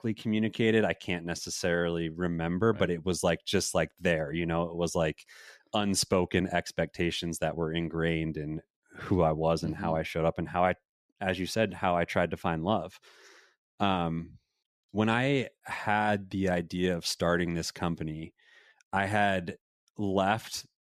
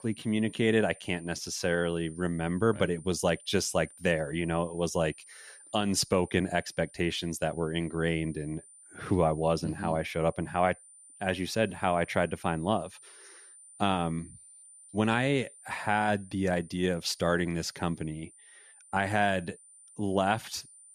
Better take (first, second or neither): first